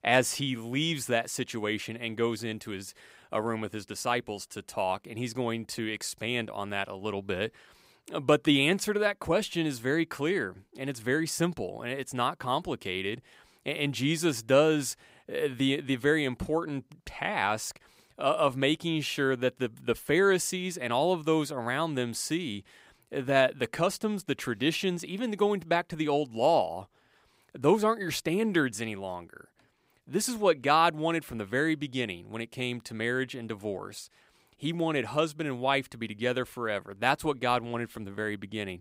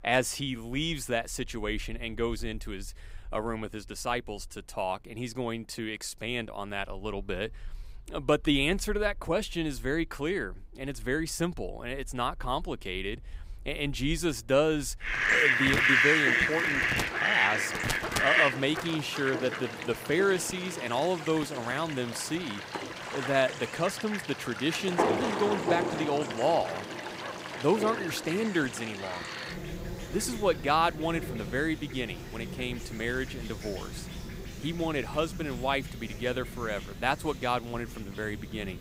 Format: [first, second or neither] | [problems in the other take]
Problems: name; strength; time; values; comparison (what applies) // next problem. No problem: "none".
first | animal sounds; very loud; throughout; as loud as the speech